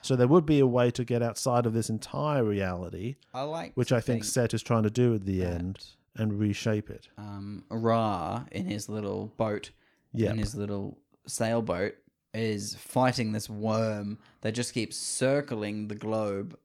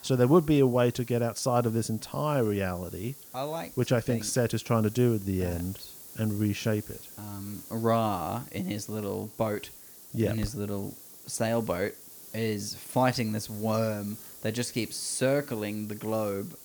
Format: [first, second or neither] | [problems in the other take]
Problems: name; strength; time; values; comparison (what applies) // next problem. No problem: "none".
first | hiss; noticeable; throughout; 15 dB below the speech